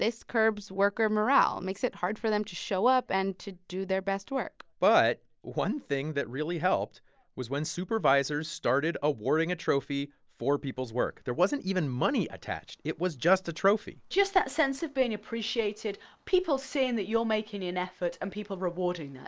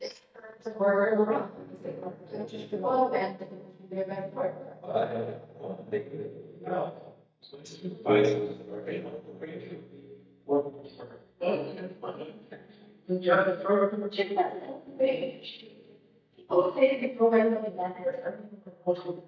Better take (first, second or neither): first